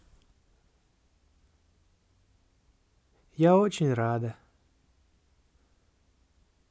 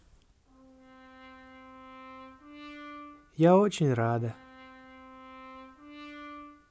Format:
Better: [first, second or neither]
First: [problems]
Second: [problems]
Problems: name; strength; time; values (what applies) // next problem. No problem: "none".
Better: first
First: none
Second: background sound (Brass instrument); 17 dB below the speech